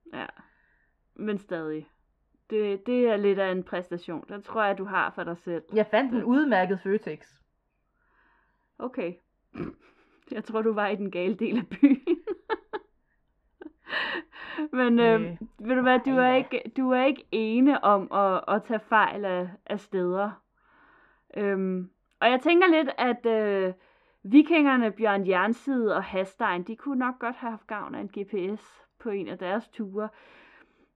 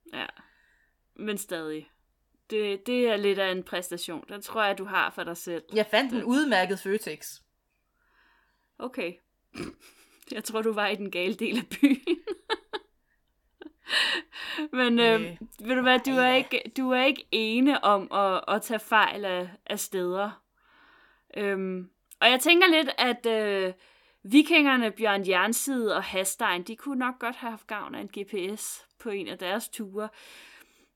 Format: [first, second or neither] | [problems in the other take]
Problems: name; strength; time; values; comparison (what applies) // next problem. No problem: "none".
second | muffled; very; fading above 1.5 kHz